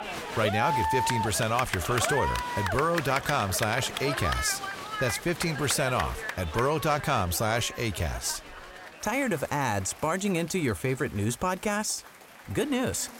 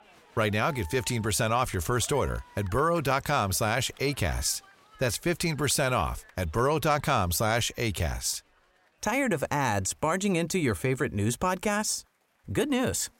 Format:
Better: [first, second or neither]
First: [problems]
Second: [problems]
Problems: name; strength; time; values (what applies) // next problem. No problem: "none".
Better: second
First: crowd noise; loud; throughout; 4 dB below the speech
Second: crowd noise; faint; throughout; 25 dB below the speech